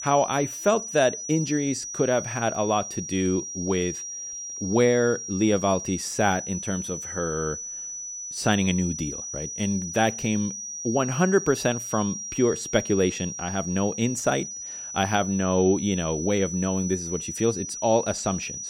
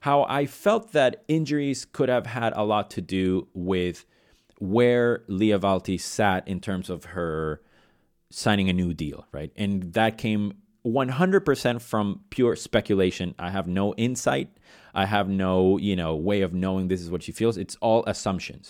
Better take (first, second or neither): second